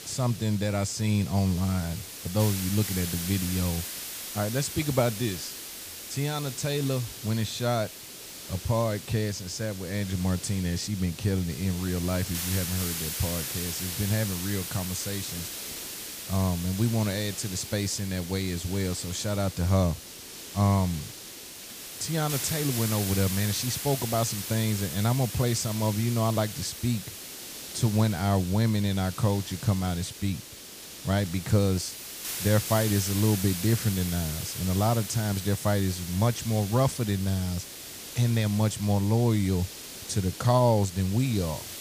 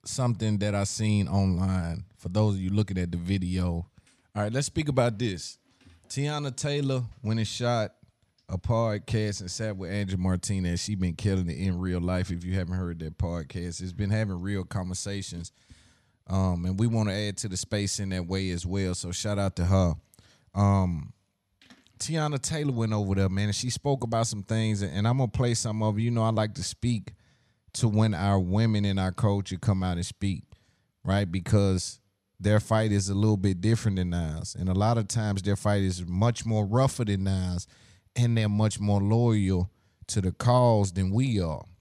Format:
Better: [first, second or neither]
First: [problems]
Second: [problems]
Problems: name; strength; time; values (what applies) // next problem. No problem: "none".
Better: second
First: hiss; loud; throughout; 7 dB below the speech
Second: none